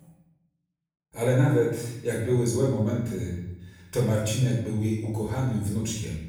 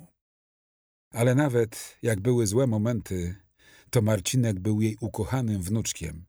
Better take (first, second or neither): second